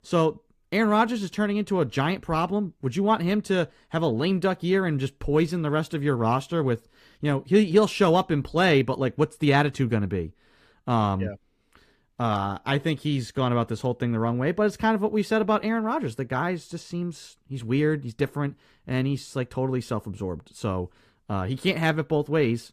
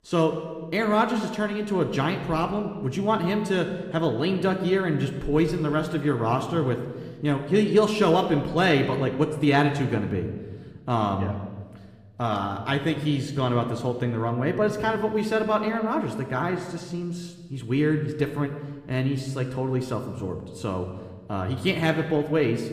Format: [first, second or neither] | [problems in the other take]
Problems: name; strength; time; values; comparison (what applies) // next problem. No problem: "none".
first | room echo; slight; dies away in 1.2 s